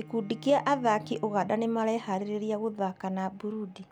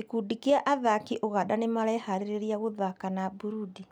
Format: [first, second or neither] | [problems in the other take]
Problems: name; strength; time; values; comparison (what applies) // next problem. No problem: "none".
second | background sound (Bowed string instrument); 19 dB below the speech